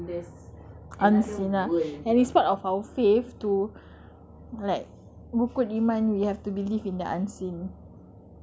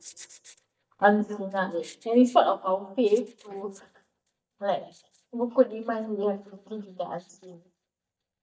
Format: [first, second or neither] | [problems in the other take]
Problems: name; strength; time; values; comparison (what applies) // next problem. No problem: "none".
first | noise reduction (neural mask model DeepFilterNet 3)